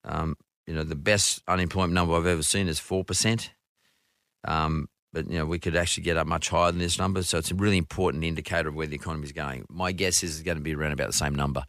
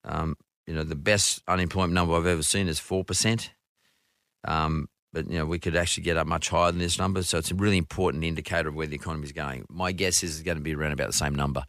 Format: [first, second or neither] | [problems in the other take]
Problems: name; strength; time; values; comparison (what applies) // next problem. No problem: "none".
neither | none